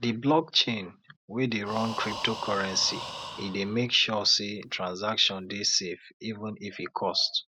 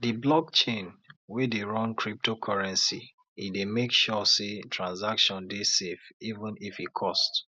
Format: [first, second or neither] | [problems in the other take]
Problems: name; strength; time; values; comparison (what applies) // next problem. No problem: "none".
second | background sound (Breathing); 12 dB below the speech